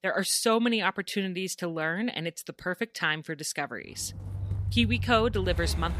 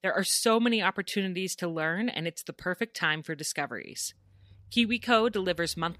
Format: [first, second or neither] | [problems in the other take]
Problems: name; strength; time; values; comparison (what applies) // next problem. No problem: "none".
second | traffic noise; loud; from 4.5 s on; 5 dB below the speech; faint in the second